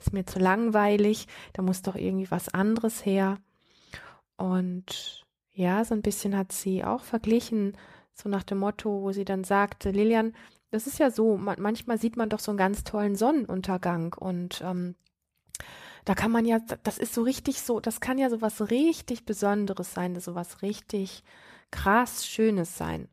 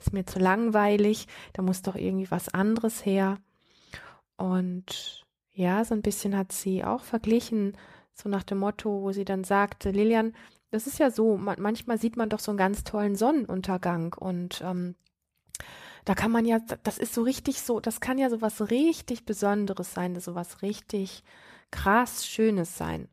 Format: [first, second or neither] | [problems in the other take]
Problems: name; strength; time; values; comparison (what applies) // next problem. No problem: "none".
neither | none